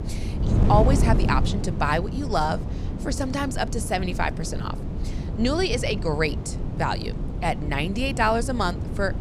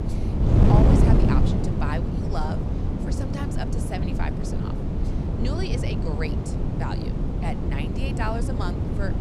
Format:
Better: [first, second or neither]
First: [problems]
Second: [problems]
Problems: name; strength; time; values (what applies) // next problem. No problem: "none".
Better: first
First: wind noise on the microphone; occasional gusts; 10 dB below the speech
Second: wind noise on the microphone; heavy; 1 dB above the speech